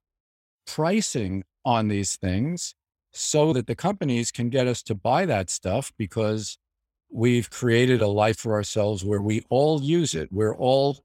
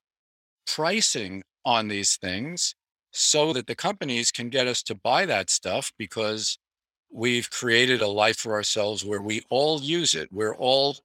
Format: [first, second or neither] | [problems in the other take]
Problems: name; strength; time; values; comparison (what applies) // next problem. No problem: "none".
first | thin; very slightly; fading below 450 Hz